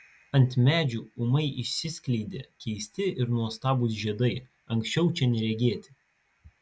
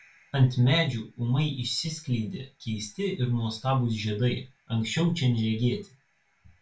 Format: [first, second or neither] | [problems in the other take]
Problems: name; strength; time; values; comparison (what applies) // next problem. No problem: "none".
first | room echo; dies away in 0.2 s